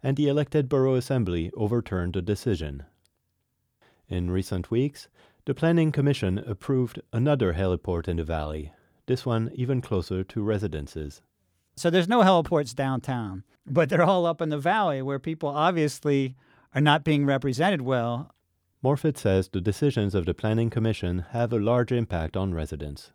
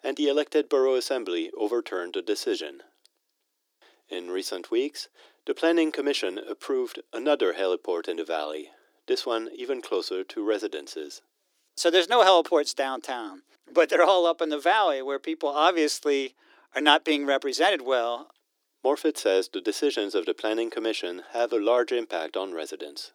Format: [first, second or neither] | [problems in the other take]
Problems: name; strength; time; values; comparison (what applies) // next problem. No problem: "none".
first | thin; somewhat; fading below 300 Hz